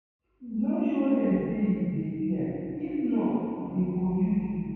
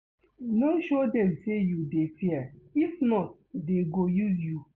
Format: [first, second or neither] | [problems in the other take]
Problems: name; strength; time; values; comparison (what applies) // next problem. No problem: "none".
second | room echo; dies away in 2.1 s